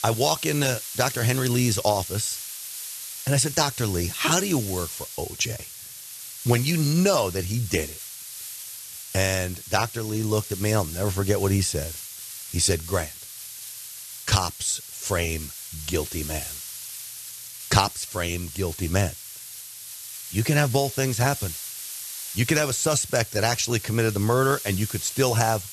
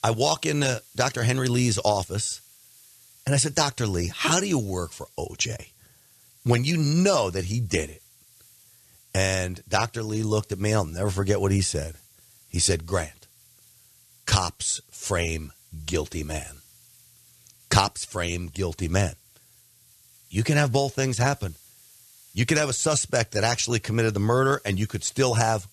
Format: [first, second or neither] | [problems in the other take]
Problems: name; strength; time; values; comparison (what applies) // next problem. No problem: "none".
second | hiss; loud; throughout; 10 dB below the speech; faint in the second